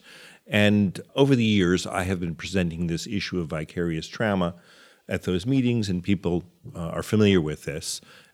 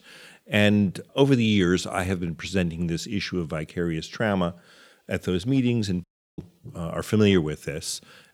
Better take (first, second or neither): first